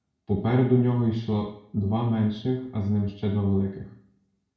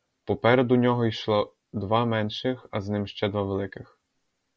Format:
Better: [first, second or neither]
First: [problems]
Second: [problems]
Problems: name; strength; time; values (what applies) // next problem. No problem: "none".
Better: second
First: room echo; dies away in 0.6 s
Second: none